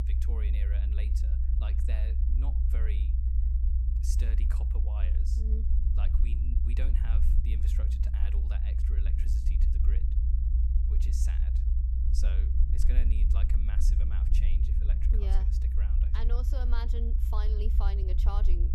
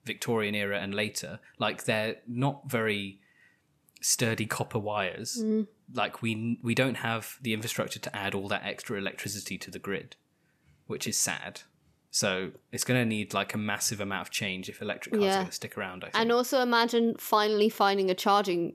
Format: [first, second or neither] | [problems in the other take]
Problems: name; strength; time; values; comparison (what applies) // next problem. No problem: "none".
second | low rumble; loud; throughout; 1 dB below the speech